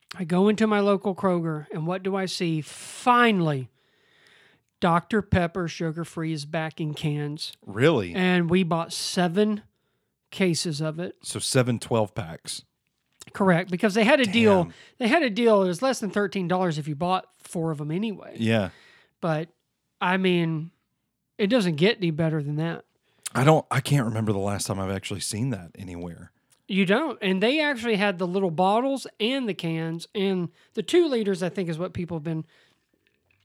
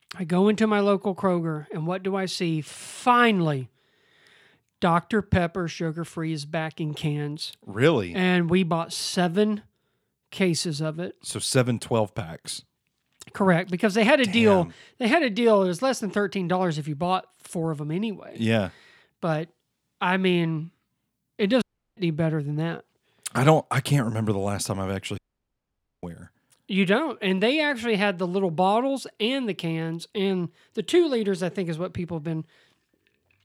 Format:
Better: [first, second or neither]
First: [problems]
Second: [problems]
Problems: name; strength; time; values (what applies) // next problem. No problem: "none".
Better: first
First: none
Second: audio cutting out; at 22 s and at 25 s for 1 s